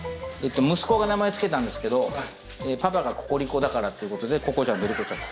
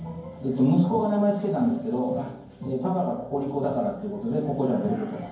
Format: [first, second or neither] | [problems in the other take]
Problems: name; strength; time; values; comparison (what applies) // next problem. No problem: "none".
first | room echo; dies away in 0.9 s